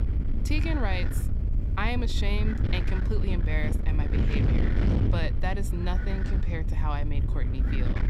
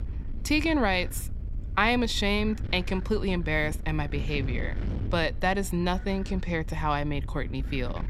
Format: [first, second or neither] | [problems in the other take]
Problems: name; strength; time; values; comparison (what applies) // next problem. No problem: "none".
second | wind noise on the microphone; heavy; 4 dB below the speech; occasional gusts in the second